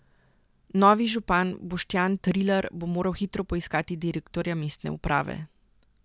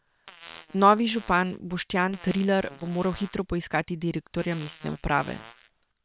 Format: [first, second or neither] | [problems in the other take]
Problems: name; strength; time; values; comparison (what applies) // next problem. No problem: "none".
first | noise reduction (neural separator model SepFormer WHAM!)